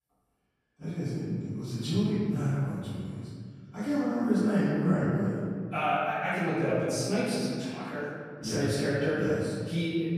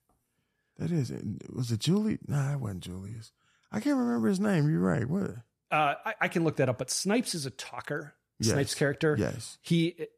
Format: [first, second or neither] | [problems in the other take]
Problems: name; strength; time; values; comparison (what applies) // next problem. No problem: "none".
second | room echo; strong; dies away in 1.9 s // off-mic speech; far